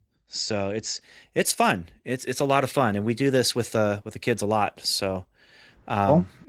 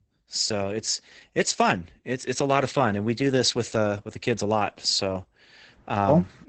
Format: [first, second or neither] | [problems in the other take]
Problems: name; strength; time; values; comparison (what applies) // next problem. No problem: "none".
first | garbled, watery; badly; nothing above 8 kHz; slightly in the first